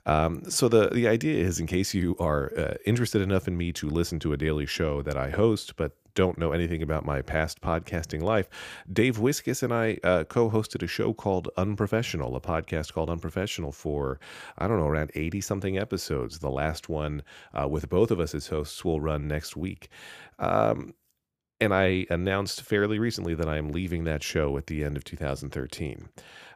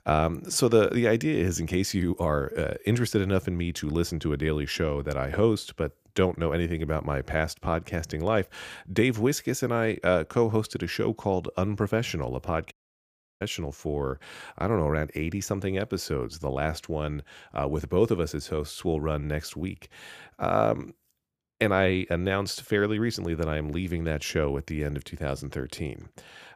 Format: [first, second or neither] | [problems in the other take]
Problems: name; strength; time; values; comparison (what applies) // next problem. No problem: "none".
first | audio cutting out; at 13 s for 0.5 s